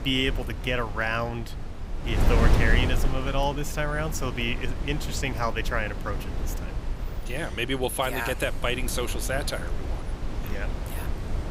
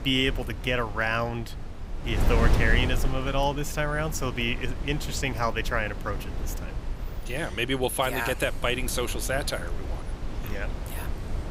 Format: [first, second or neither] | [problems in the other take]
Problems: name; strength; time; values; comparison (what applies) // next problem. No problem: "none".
second | wind noise on the microphone; heavy; 10 dB below the speech; occasional gusts in the second